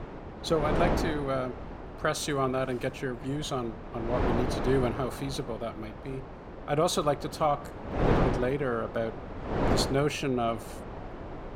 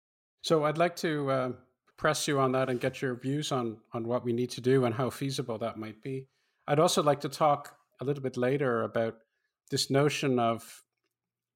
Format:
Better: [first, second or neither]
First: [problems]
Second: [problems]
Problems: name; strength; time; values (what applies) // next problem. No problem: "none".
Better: second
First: wind noise on the microphone; heavy; 5 dB below the speech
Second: none